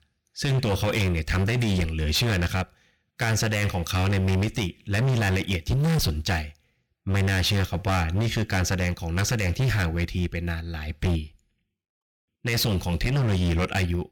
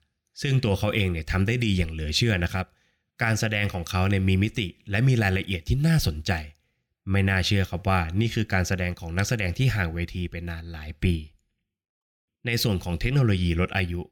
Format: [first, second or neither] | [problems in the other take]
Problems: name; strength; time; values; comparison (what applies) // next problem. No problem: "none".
second | distortion; heavy; 20% of the sound clipped